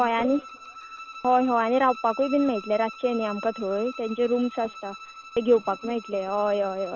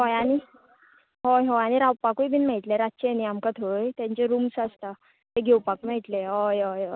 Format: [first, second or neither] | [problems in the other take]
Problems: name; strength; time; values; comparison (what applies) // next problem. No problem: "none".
second | background sound (Bowed string instrument); 16 dB below the speech